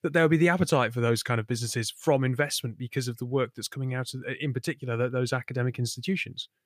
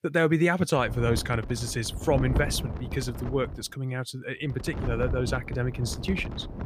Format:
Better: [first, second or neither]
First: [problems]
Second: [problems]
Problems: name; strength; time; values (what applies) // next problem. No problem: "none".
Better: first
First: none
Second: wind noise on the microphone; occasional gusts; from 1 to 3.5 s and from 4.5 s on; 10 dB below the speech